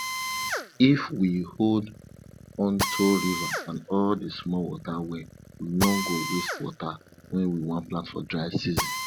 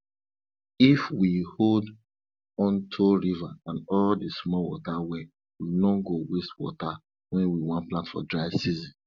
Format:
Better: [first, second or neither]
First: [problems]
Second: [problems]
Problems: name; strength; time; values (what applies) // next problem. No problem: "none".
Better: second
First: background sound (Drill); 7 dB below the speech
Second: none